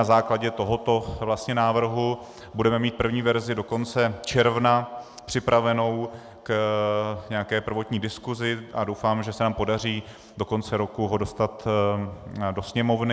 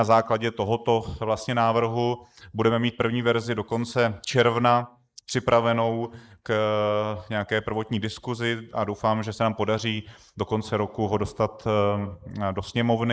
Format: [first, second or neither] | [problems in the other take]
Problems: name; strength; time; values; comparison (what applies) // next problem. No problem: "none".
first | noise reduction (neural mask model Resemble Enhance denoiser)